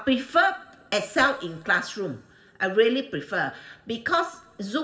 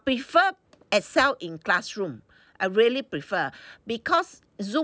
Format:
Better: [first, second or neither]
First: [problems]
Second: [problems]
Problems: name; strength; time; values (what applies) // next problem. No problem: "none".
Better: second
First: room echo; dies away in 1.7 s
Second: none